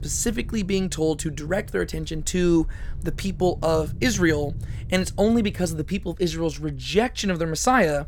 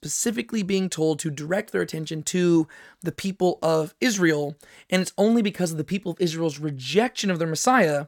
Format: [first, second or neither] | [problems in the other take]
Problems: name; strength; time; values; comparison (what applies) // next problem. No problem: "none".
second | low rumble; faint; throughout; 25 dB below the speech